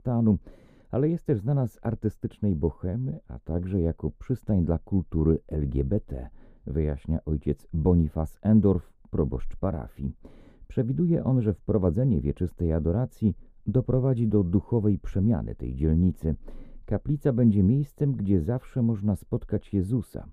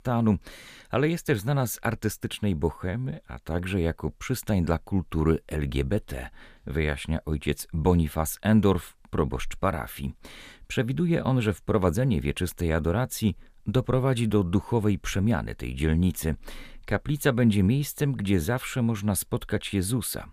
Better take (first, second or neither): second